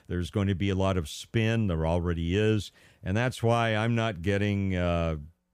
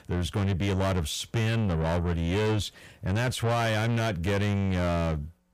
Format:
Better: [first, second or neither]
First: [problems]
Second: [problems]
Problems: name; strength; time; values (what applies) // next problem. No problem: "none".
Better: first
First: none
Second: distortion; heavy; 7 dB below the speech